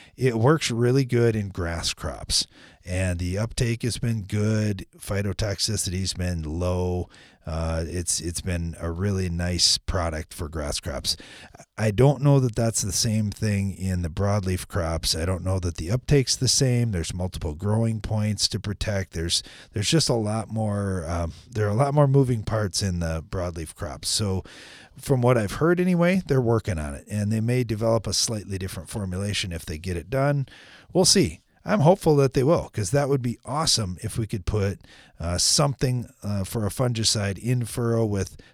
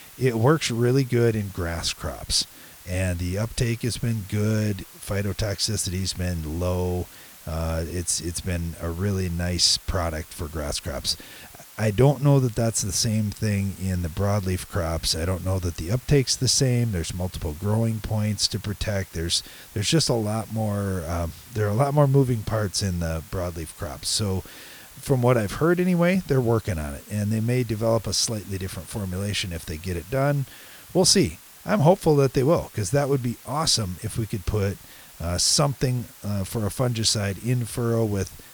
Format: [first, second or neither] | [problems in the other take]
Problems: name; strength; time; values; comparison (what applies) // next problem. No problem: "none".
first | hiss; noticeable; throughout; 20 dB below the speech